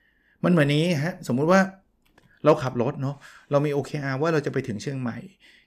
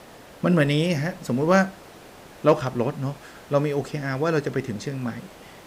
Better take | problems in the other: first | hiss; faint; throughout; 20 dB below the speech

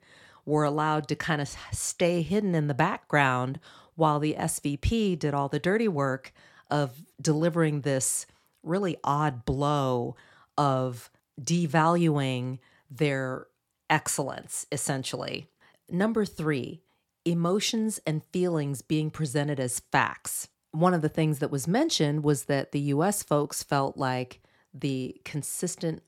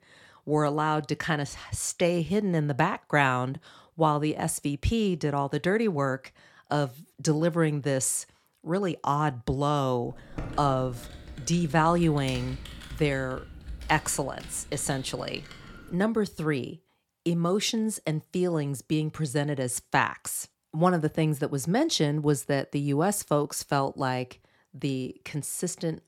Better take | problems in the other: first | keyboard typing; faint; from 10 to 16 s; peak 10 dB below the speech

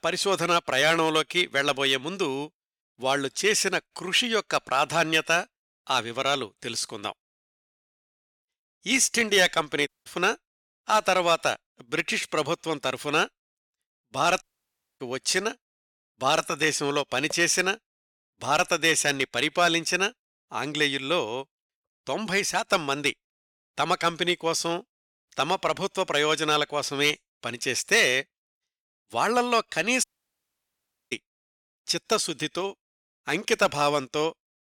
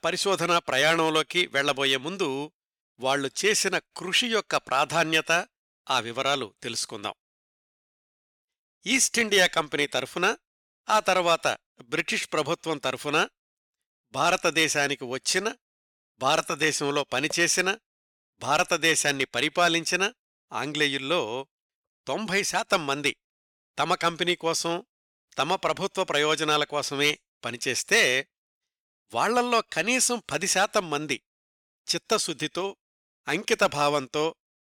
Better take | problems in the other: second | audio cutting out; at 10 s, at 14 s for 0.5 s and at 30 s for 1 s

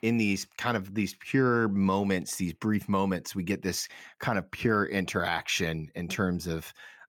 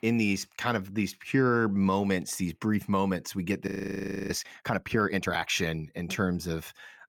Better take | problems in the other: first | audio freezing; at 3.5 s for 0.5 s

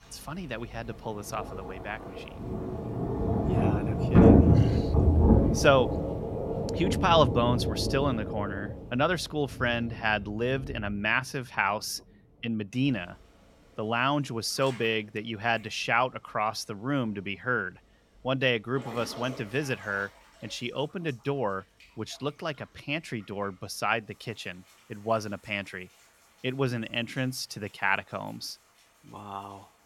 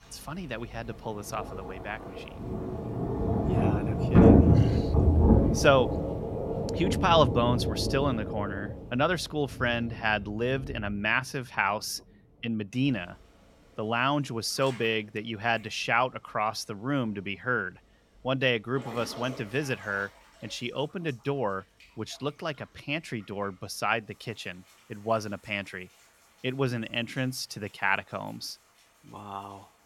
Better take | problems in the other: neither | rain or running water; very loud; throughout; 4 dB above the speech; the same in both

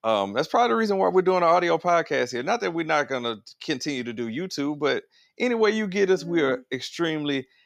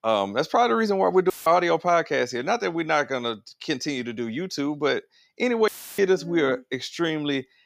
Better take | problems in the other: first | audio cutting out; filled with static; at 1.5 s and at 5.5 s

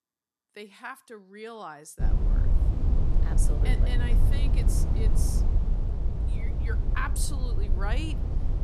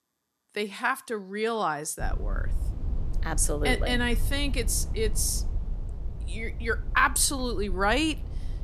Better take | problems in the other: second | low rumble; loud; from 2 s on; 4 dB below the speech; faint in the second

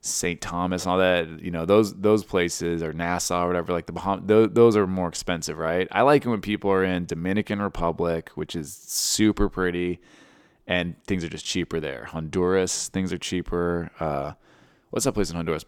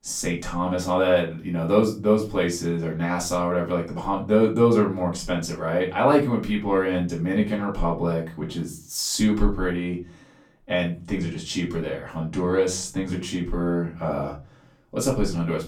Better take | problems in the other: first | off-mic speech; far // room echo; slight; dies away in 0.3 s

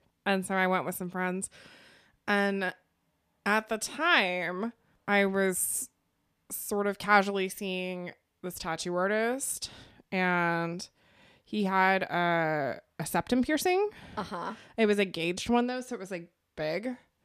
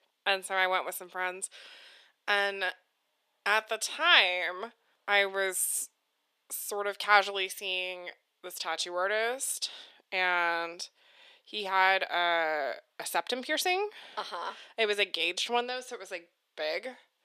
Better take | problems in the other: first | thin; very; fading below 450 Hz

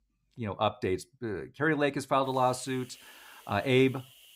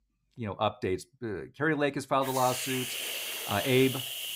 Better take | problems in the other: first | hiss; loud; from 2.5 s on; 4 dB below the speech; faint in the first

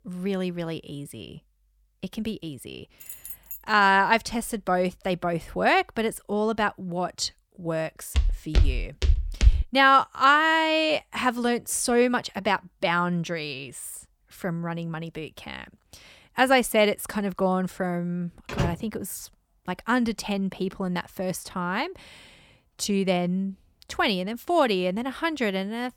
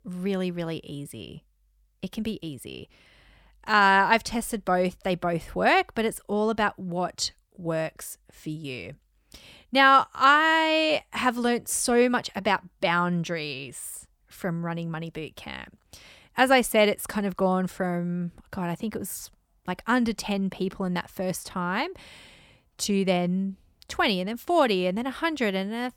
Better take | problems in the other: second | jangling keys; faint; at 3 s; peak 10 dB below the speech // footsteps; loud; from 8 to 9.5 s; peak 2 dB above the speech // door banging; noticeable; at 18 s; peak 5 dB below the speech

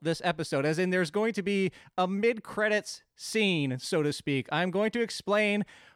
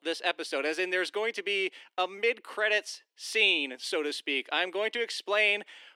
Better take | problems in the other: first | thin; somewhat; fading below 300 Hz

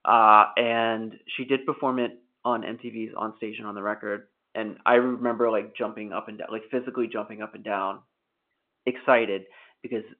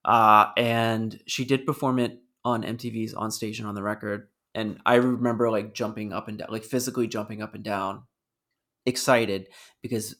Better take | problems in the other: second | phone-call audio

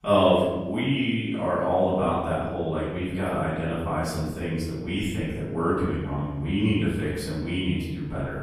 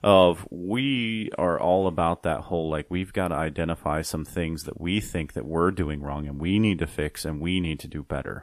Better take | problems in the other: second | room echo; noticeable; dies away in 1.1 s // off-mic speech; far

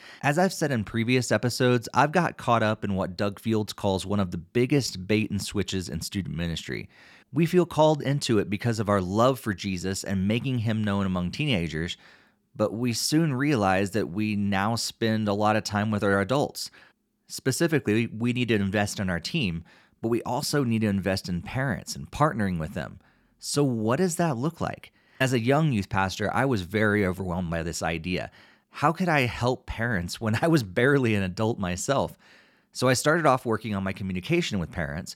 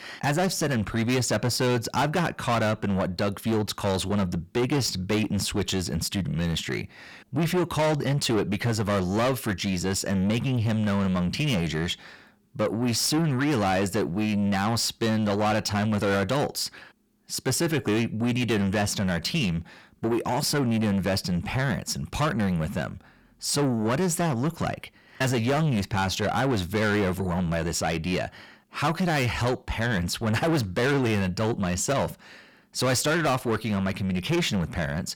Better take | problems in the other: first | distortion; heavy; 7 dB below the speech

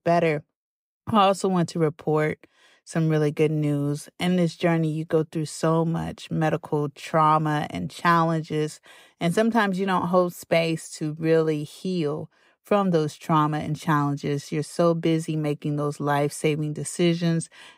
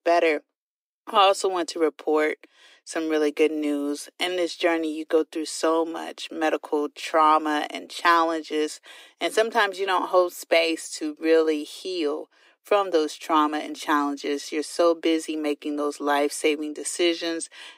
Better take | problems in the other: first | thin; somewhat; fading below 300 Hz

